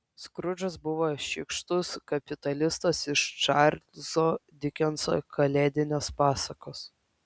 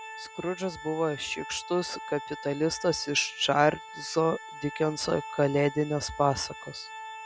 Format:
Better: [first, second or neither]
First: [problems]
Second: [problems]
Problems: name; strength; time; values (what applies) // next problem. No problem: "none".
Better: first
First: none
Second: background sound (Organ); 14 dB below the speech